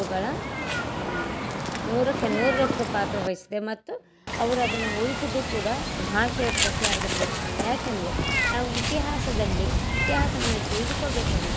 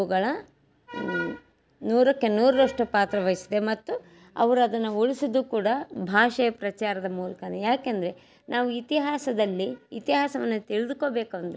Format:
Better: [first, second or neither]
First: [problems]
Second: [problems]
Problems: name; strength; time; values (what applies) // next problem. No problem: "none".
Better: second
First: background sound (Meow); 2 dB above the speech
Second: none